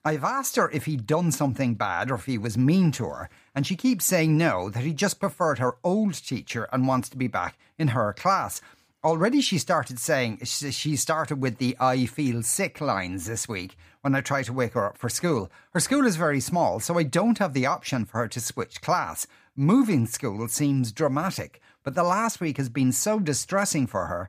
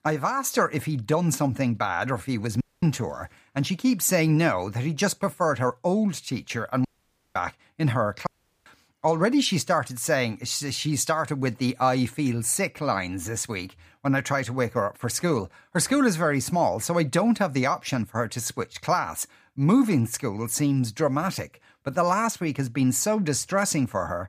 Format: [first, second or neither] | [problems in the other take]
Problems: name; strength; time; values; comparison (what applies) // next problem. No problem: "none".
first | audio cutting out; at 2.5 s, at 7 s for 0.5 s and at 8.5 s